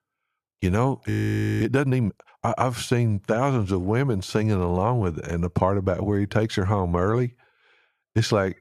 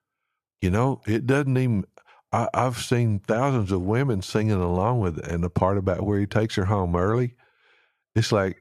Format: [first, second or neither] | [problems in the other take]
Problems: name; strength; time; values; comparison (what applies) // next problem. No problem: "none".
second | audio freezing; at 1 s for 0.5 s